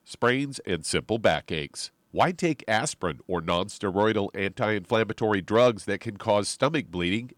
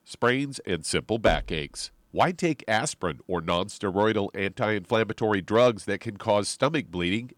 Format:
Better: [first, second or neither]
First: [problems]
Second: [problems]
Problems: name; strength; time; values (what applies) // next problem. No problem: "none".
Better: first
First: none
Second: door banging; noticeable; at 1.5 s; peak 7 dB below the speech